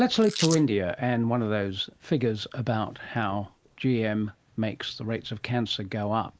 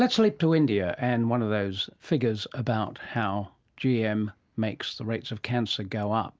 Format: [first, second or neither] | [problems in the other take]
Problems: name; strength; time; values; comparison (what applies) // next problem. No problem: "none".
second | noise reduction (neural mask model Resemble Enhance denoiser)